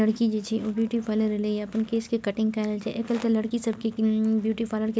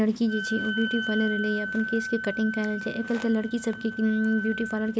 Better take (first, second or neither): first